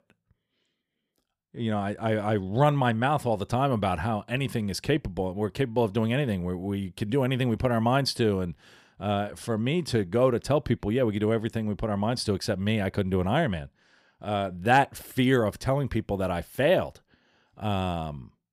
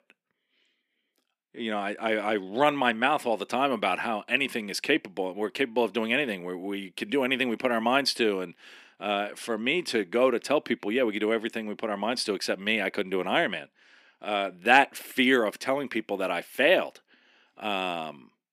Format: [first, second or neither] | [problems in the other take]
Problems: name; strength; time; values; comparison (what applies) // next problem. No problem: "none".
first | thin; very slightly; fading below 250 Hz